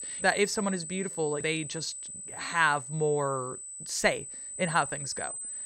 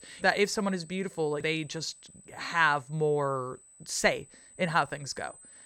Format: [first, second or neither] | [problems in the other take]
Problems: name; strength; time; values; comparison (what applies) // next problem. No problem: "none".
second | high-pitched whine; loud; throughout; 8 kHz, 7 dB below the speech; faint in the second